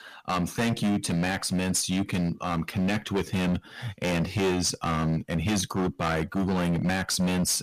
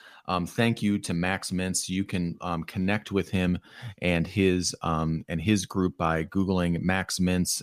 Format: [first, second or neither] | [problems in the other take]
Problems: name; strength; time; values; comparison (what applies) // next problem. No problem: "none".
second | distortion; heavy; 17% of the sound clipped